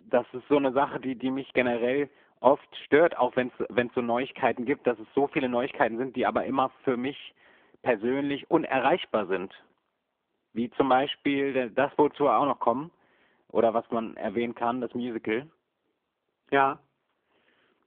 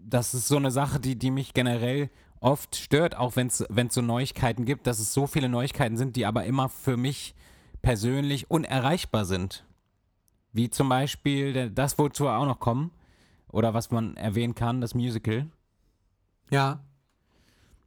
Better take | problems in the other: second | phone-call audio; nothing above 3.5 kHz

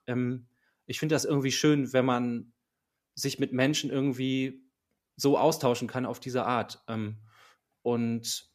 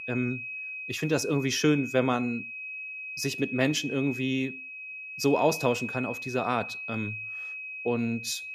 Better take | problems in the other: first | high-pitched whine; loud; throughout; 2.5 kHz, 7 dB below the speech

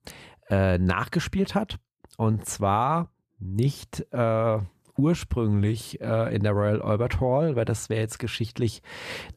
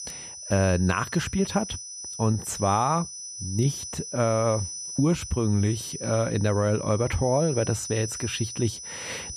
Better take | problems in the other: first | high-pitched whine; loud; throughout; 6 kHz, 9 dB below the speech

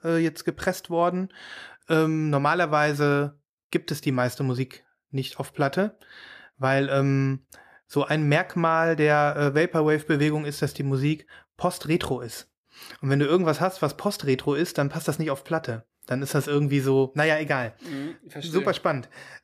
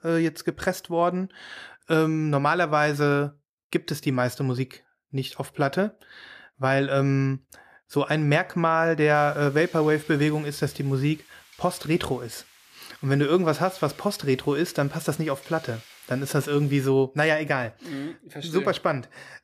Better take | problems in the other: first | hiss; faint; from 9 to 17 s; 25 dB below the speech

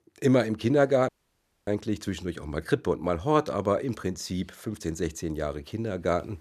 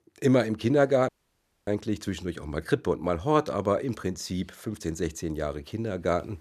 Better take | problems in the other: neither | audio cutting out; at 1 s for 0.5 s; the same in both

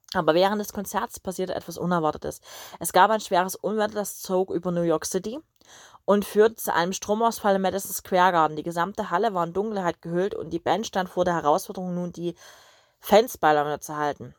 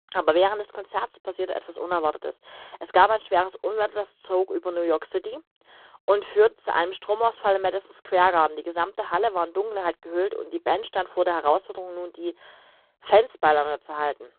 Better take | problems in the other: first | phone-call audio; poor line

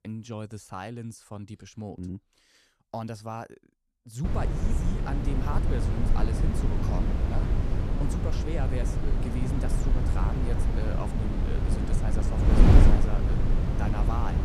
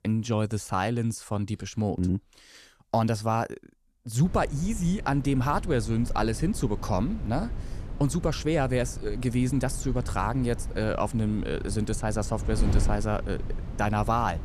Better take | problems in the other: second | wind noise on the microphone; heavy; from 4 s on; 3 dB above the speech; occasional gusts in the second

